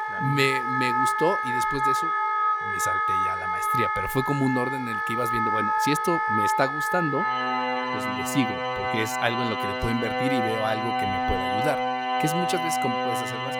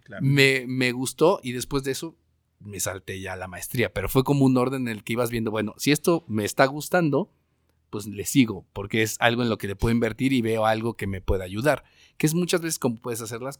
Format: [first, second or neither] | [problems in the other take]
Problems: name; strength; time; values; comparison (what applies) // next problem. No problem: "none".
second | background music; very loud; throughout; 4 dB above the speech